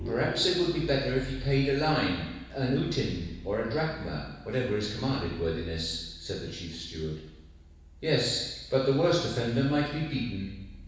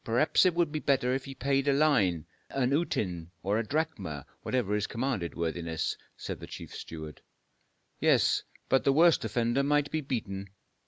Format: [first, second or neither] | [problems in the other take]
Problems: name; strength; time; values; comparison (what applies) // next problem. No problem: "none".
second | background sound (Vehicle); 14 dB below the speech // room echo; dies away in 1.1 s